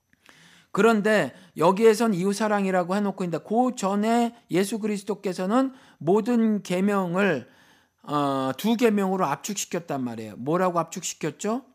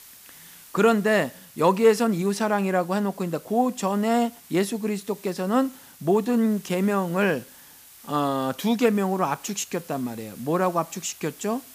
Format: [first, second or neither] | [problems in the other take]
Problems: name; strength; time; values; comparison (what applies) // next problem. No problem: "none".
first | hiss; faint; throughout; 20 dB below the speech